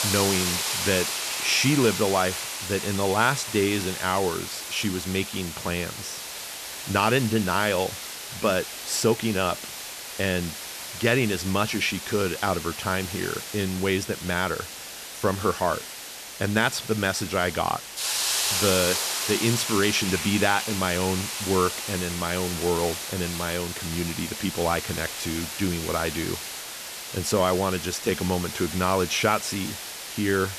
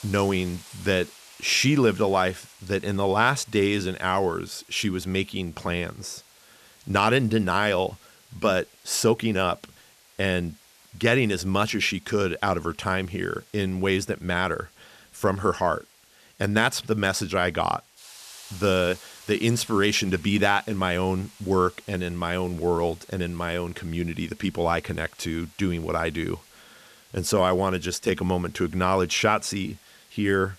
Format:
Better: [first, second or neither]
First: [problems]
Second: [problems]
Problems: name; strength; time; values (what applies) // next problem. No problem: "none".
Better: second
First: hiss; loud; throughout; 4 dB below the speech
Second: hiss; faint; throughout; 25 dB below the speech